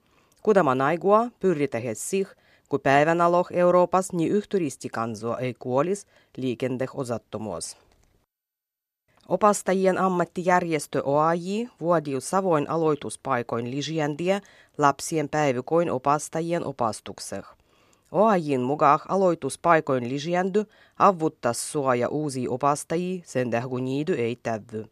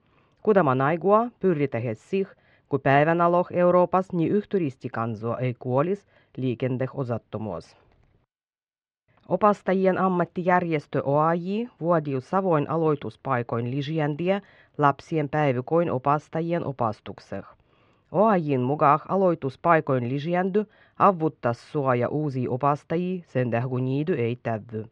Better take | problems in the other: first | muffled; very; fading above 3 kHz

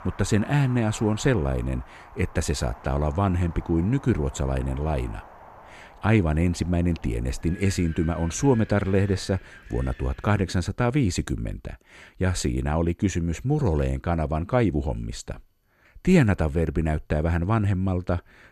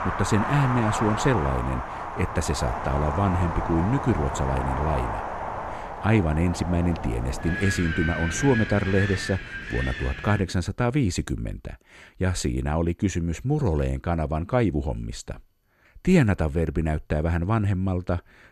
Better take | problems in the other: first | wind in the background; loud; until 10 s; 5 dB below the speech; faint in the first

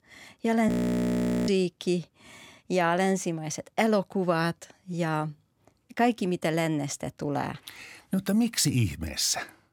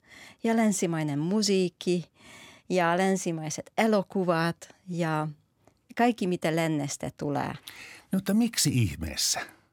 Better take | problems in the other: second | audio freezing; at 0.5 s for 1 s

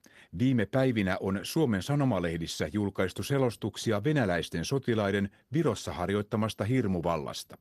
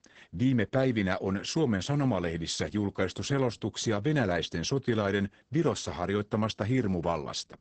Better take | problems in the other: first | garbled, watery; badly; nothing above 8 kHz; slightly in the first

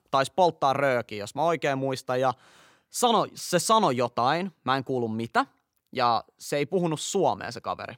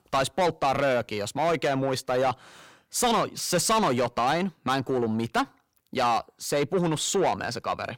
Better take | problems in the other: first | distortion; heavy; 8 dB below the speech

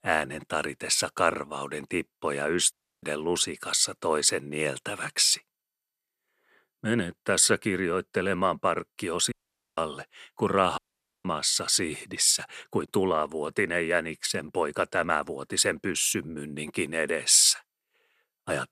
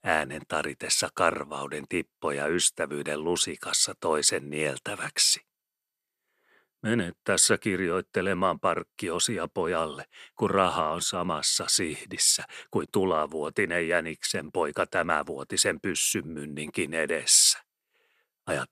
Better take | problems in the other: second | audio cutting out; at 2.5 s, at 9.5 s and at 11 s

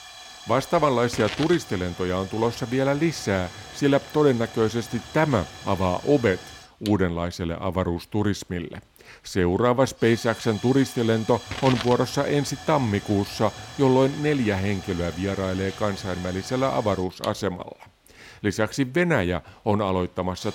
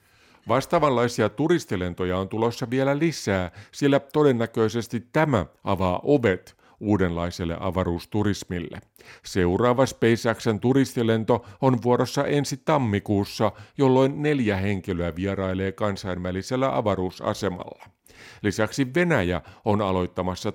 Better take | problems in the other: second | hiss; noticeable; throughout; 15 dB below the speech

